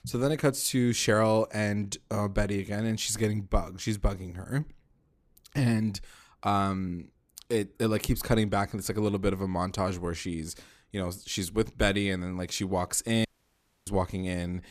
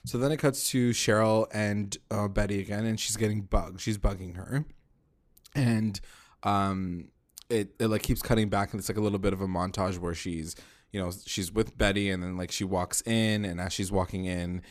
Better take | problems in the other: second | audio cutting out; at 13 s for 0.5 s

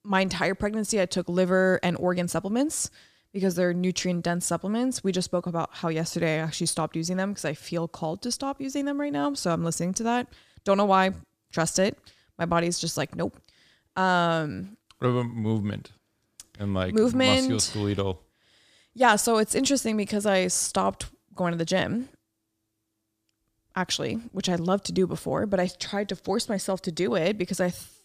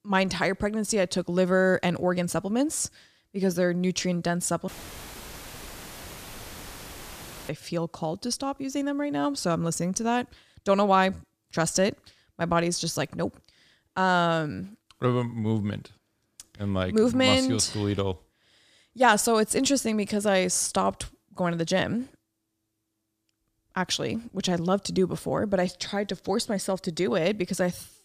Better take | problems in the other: first | audio cutting out; filled with static; at 4.5 s for 3 s

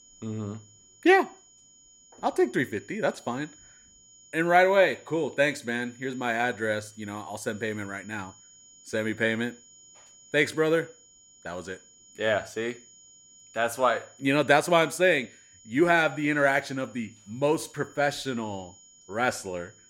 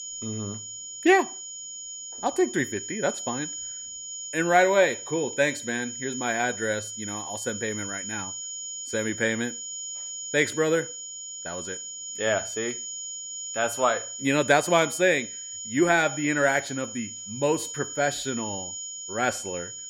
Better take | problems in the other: first | high-pitched whine; loud; throughout; 7 kHz, 8 dB below the speech; faint in the first

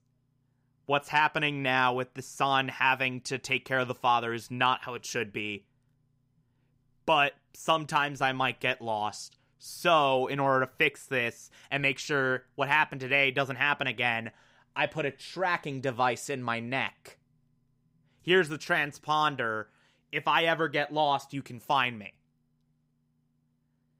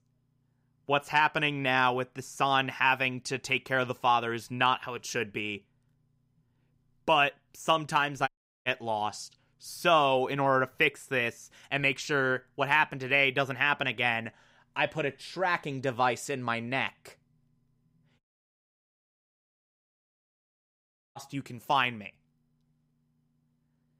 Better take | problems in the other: first | audio cutting out; at 8.5 s and at 18 s for 3 s

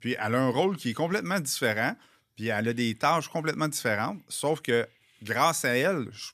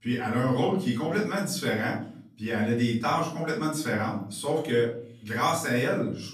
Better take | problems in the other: first | off-mic speech; far // room echo; noticeable; dies away in 0.6 s

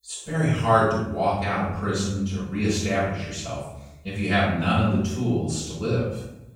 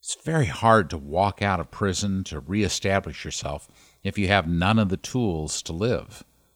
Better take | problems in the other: second | room echo; strong; dies away in 0.8 s // off-mic speech; far

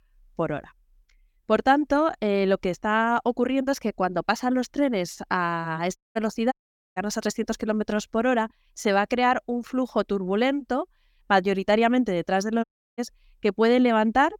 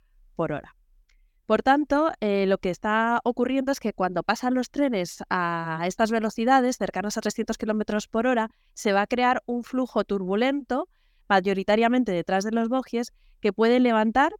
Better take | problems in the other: second | audio cutting out; at 6 s, at 6.5 s and at 13 s

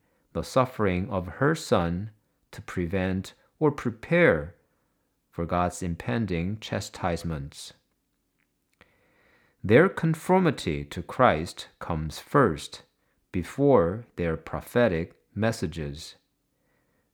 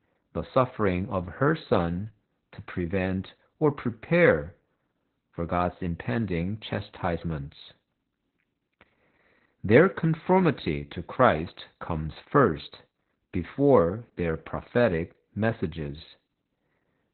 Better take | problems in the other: first | garbled, watery; badly; nothing above 4 kHz

